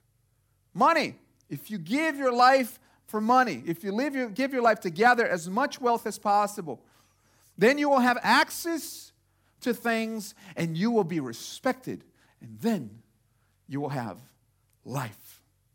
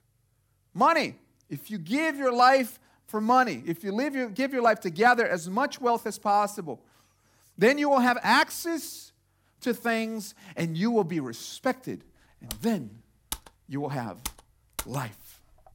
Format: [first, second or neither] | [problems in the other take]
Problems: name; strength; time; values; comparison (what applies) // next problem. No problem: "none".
first | keyboard typing; faint; from 13 to 15 s; peak 10 dB below the speech